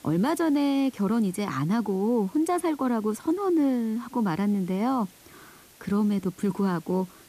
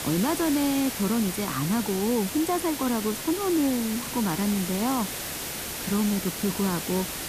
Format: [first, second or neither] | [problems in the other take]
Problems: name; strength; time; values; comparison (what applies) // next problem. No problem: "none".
first | hiss; loud; throughout; 5 dB below the speech; faint in the first